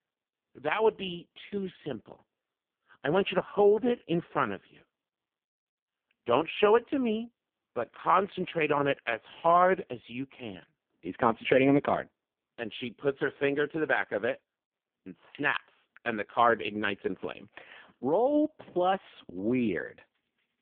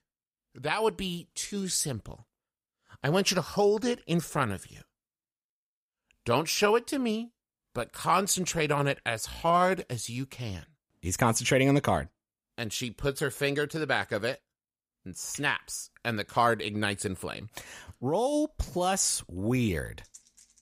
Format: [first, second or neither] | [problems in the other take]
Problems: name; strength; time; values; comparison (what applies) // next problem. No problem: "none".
second | phone-call audio; poor line